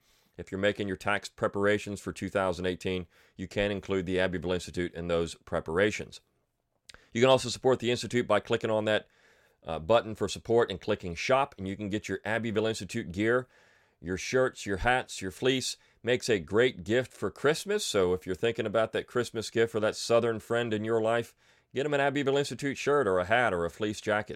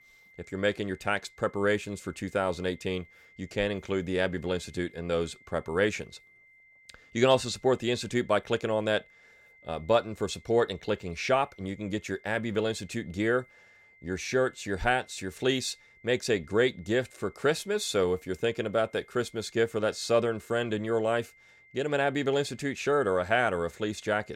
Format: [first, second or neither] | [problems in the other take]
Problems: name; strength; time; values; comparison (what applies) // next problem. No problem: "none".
first | high-pitched whine; faint; throughout; 2 kHz, 25 dB below the speech